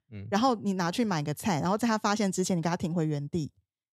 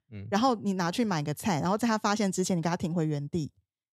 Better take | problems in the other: neither | none

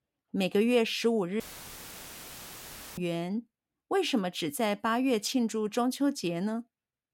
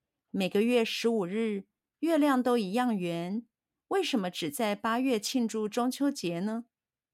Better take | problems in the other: second | audio cutting out; filled with static; at 1.5 s for 1.5 s

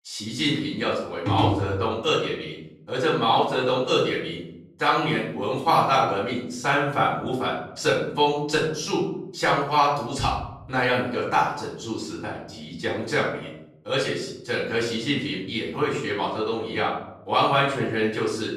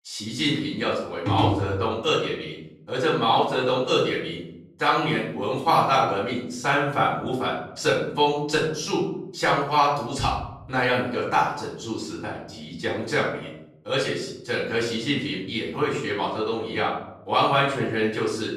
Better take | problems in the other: neither | off-mic speech; far; the same in both // room echo; noticeable; dies away in 0.7 s; the same in both

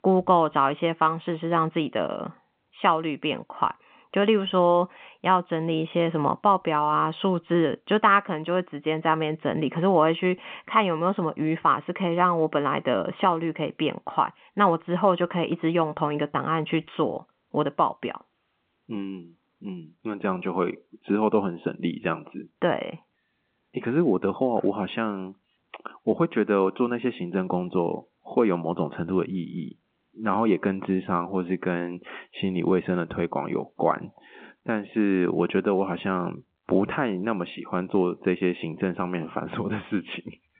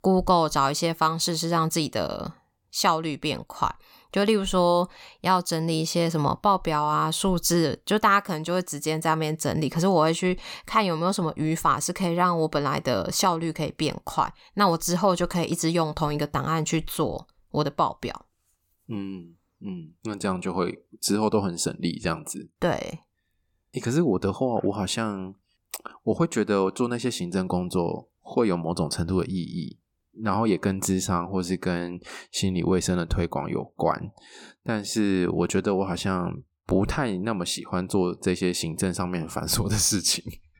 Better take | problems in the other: second | phone-call audio

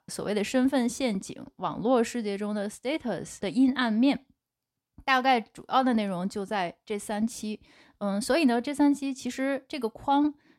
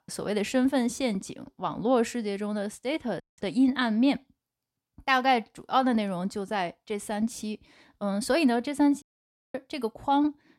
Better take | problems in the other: first | audio cutting out; at 3 s and at 9 s for 0.5 s

